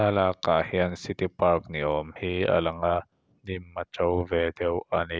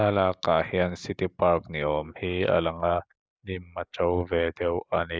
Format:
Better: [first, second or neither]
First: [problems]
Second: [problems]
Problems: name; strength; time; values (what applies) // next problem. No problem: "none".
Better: first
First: none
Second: noise reduction (neural mask model Resemble Enhance denoiser)